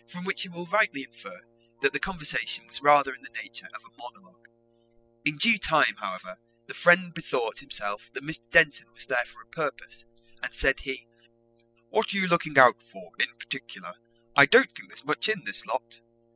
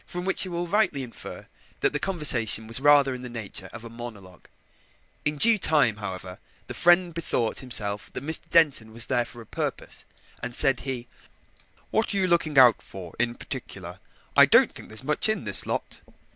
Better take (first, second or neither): second